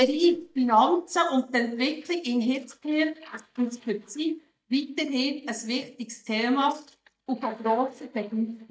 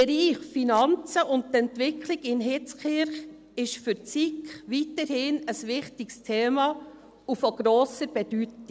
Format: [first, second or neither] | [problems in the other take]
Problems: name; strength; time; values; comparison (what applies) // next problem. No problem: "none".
second | noise reduction (neural mask model DeepFilterNet 3)